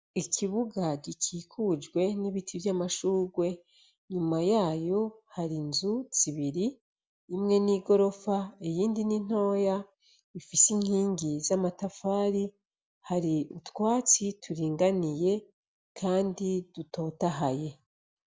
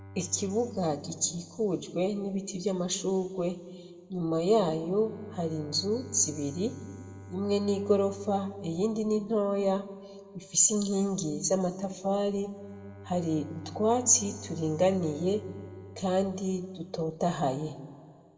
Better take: first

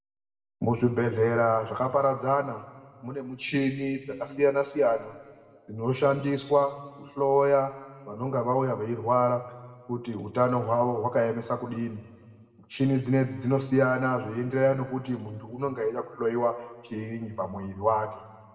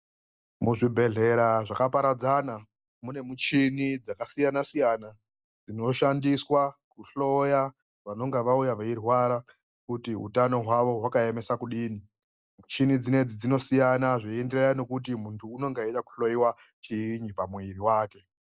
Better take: second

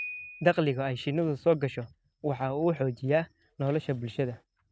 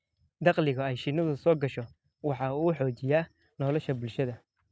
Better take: second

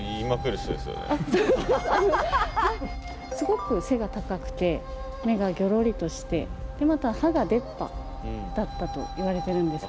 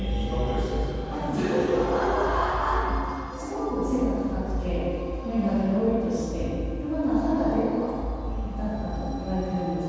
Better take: first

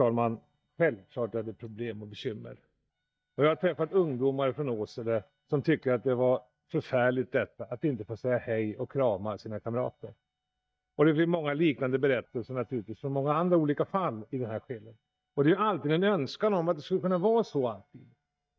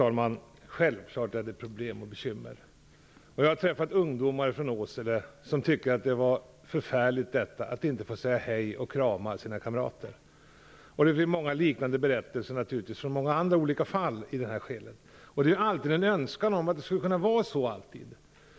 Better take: second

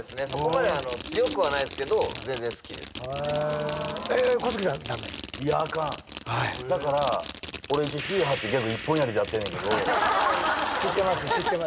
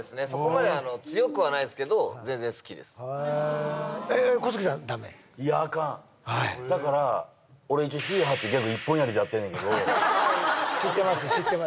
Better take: second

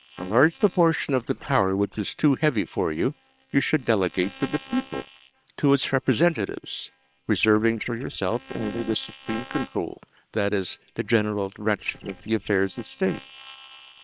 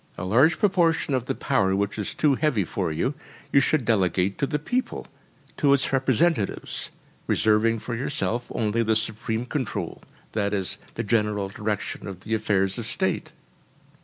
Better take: second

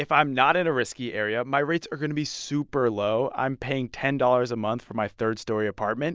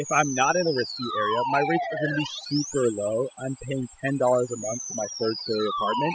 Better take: first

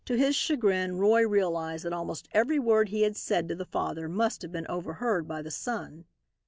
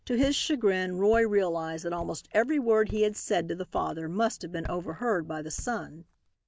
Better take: first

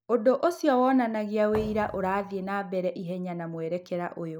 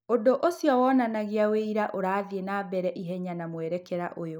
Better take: second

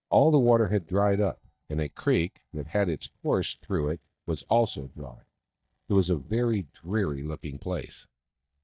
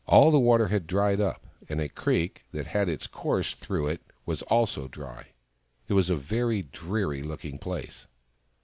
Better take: second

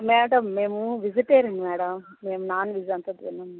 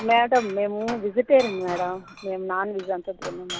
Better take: first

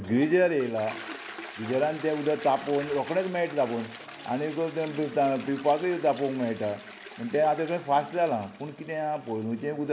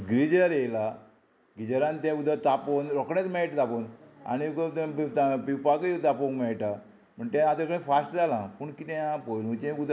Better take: second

